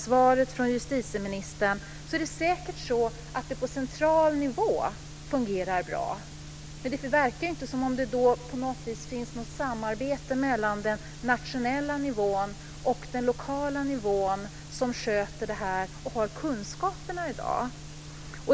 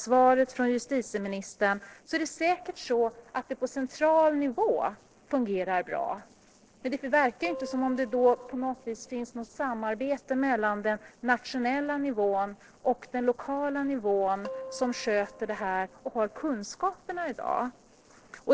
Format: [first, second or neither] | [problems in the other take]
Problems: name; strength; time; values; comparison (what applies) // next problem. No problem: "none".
first | noise reduction (neural separator model SepFormer DNS4)